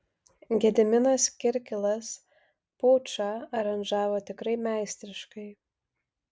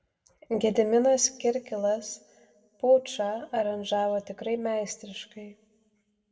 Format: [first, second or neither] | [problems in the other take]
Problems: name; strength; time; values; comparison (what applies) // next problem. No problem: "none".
first | room echo; dies away in 0.7 s